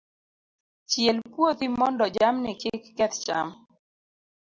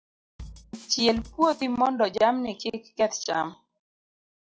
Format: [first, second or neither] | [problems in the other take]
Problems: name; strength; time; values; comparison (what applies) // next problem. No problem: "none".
first | noise reduction (classical method log-MMSE)